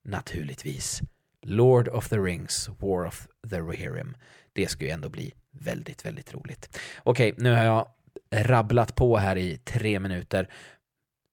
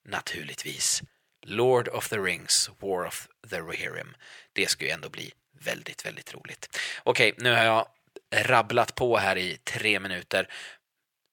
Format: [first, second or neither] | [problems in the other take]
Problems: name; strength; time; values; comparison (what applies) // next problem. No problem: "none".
first | thin; somewhat; fading below 1 kHz